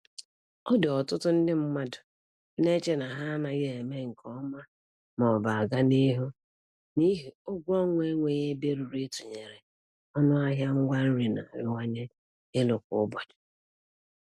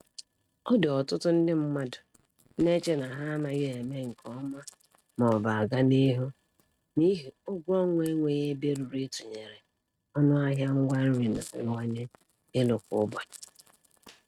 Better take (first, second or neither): first